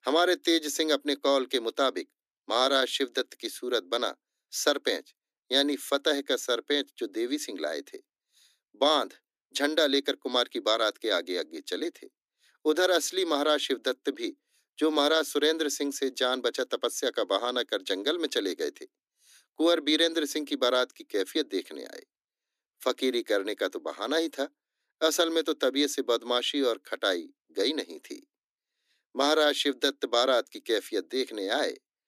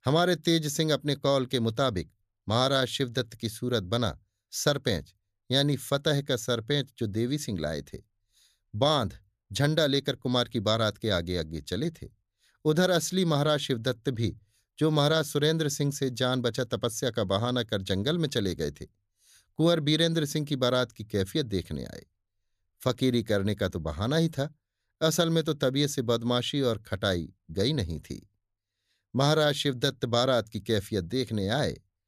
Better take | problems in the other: second | thin; somewhat; fading below 250 Hz

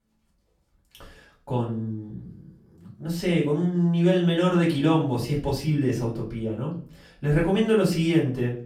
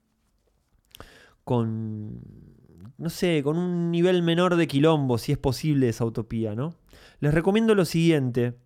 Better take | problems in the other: second | off-mic speech; far // room echo; slight; dies away in 0.4 s

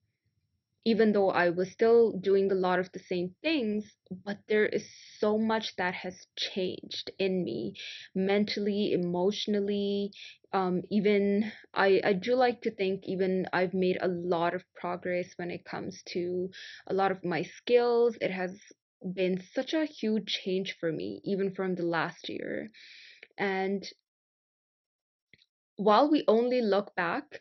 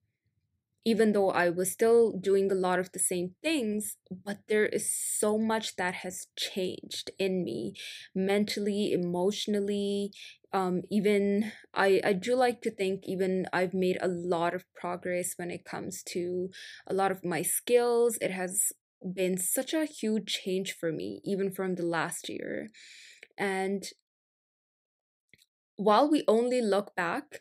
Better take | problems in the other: second | garbled, watery; slightly; nothing above 6 kHz

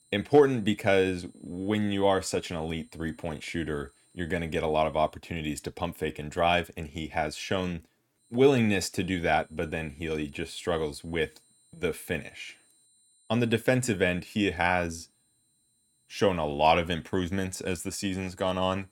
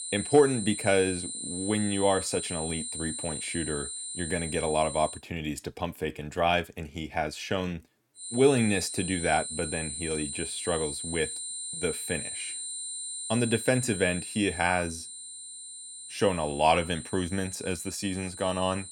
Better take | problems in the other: first | high-pitched whine; loud; until 5 s and from 8 s on; 9 kHz, 6 dB below the speech; faint in the first

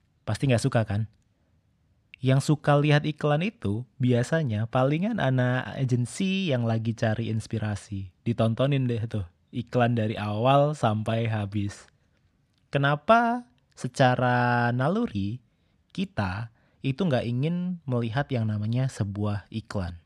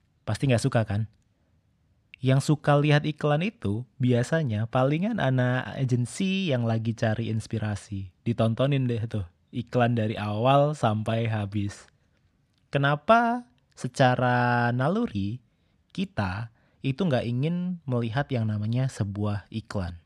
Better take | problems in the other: neither | none

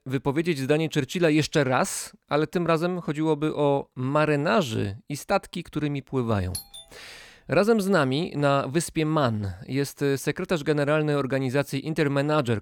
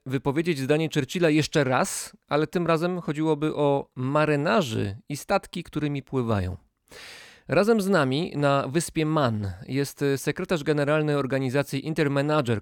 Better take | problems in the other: second | doorbell; faint; at 6.5 s; peak 10 dB below the speech

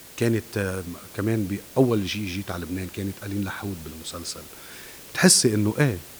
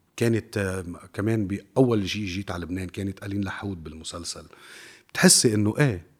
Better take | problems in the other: second | hiss; noticeable; throughout; 15 dB below the speech

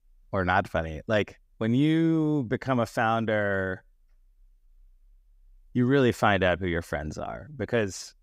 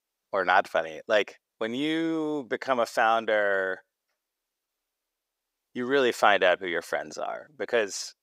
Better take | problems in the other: first | thin; somewhat; fading below 500 Hz

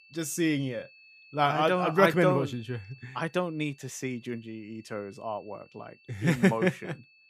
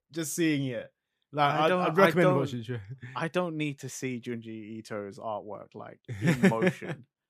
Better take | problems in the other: second | high-pitched whine; faint; throughout; 2.5 kHz, 25 dB below the speech

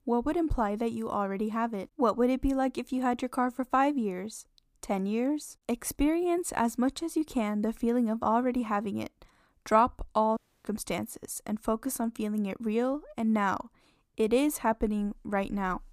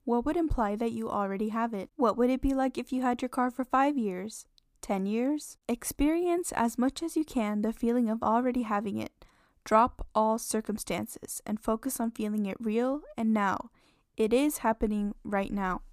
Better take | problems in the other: second | audio cutting out; at 10 s

